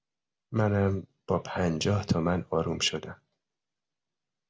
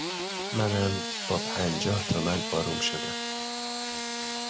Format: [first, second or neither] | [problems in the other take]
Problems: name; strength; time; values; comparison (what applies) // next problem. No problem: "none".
first | background sound (Engine starting / Sawing); 2 dB below the speech